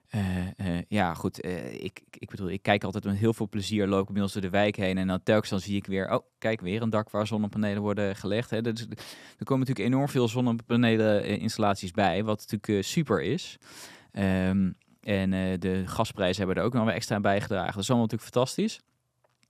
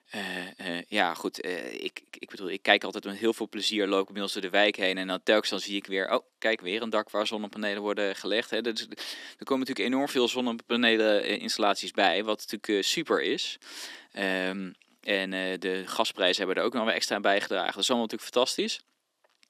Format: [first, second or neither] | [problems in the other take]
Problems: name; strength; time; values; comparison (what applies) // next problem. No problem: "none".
first | thin; somewhat; fading below 300 Hz